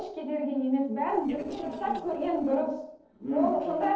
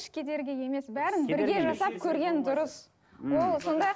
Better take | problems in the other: second | noise reduction (neural separator model SepFormer DNS4)

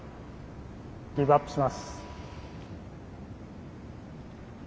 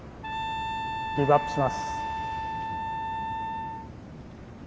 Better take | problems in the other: first | background sound (Wind instrument, woodwind instrument); 1 dB below the speech

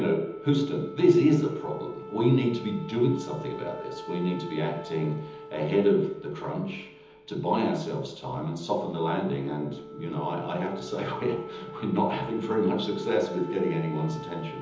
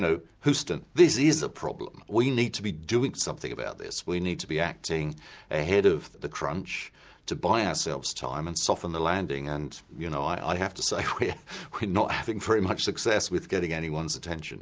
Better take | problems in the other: second | background sound (Wind instrument, woodwind instrument); 15 dB below the speech // room echo; dies away in 1.3 s

